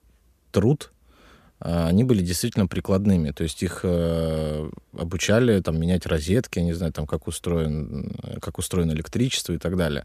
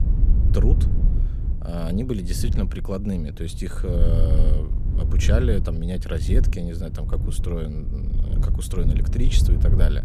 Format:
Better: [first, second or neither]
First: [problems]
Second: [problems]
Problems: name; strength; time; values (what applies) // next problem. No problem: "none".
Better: first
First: none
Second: wind noise on the microphone; heavy; 7 dB below the speech